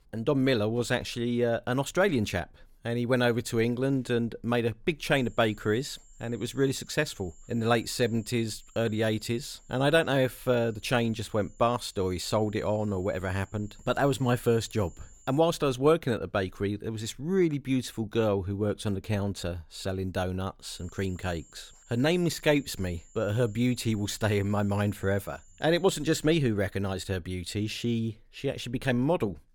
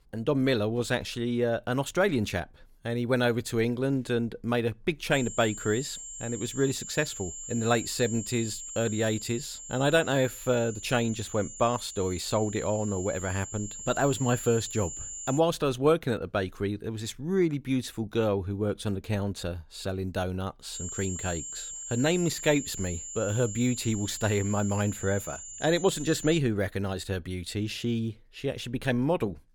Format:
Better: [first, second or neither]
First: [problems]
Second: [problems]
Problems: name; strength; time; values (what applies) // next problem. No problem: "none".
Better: first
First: high-pitched whine; faint; from 5 to 15 s and from 21 to 26 s; 7.5 kHz, 30 dB below the speech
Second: high-pitched whine; loud; from 5 to 15 s and from 21 to 26 s; 7.5 kHz, 9 dB below the speech